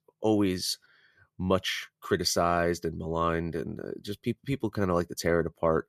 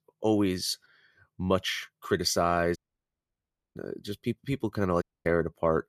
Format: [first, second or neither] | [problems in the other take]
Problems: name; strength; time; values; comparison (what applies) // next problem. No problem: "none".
first | audio cutting out; at 3 s for 1 s and at 5 s